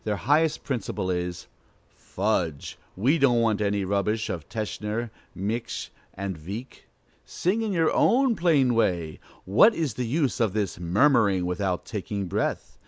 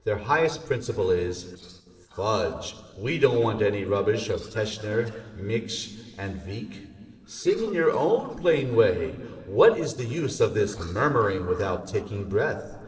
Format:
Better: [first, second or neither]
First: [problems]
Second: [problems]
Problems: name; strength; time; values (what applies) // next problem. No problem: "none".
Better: first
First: none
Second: noise reduction (neural separator model SepFormer DNS4)